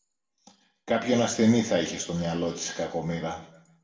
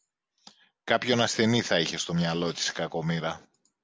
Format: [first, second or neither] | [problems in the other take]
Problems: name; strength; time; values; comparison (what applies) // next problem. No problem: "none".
second | room echo; dies away in 0.7 s